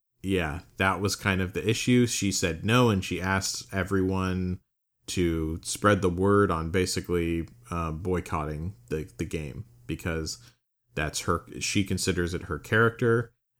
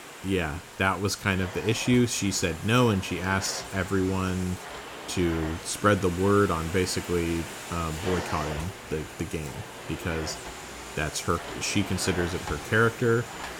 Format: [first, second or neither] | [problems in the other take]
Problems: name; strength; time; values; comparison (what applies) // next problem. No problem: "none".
first | household noises; noticeable; throughout; 10 dB below the speech